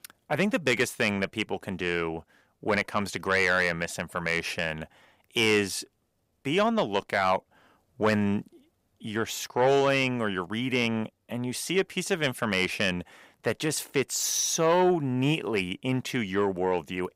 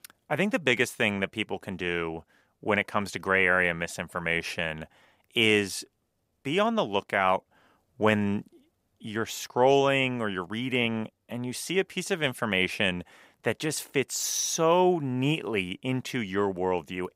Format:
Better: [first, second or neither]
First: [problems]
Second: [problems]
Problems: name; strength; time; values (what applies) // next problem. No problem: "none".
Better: second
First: distortion; slight; 10 dB below the speech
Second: none